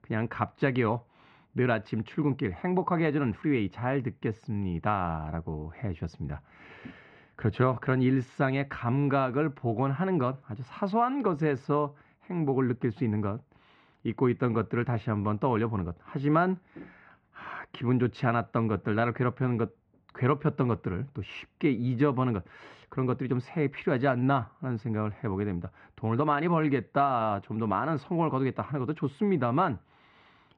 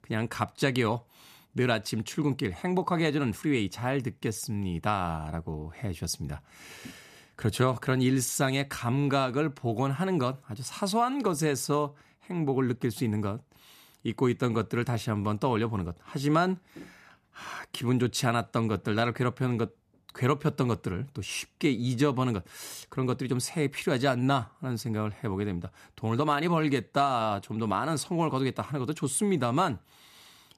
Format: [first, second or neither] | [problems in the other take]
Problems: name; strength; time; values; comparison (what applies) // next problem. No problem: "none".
second | muffled; very; fading above 2.5 kHz